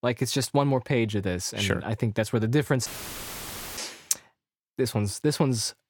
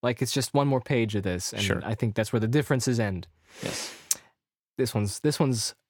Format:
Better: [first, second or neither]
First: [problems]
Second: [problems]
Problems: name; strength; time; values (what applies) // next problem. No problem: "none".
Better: second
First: audio cutting out; filled with static; at 3 s for 1 s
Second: none